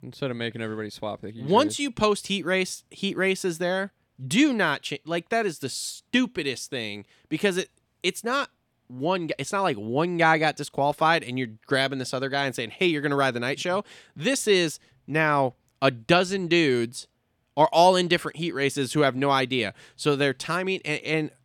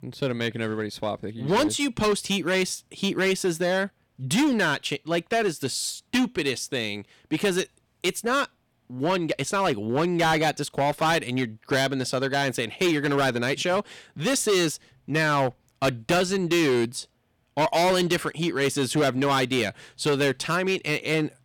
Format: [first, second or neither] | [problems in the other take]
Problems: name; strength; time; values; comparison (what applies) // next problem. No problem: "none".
first | distortion; heavy; 10% of the sound clipped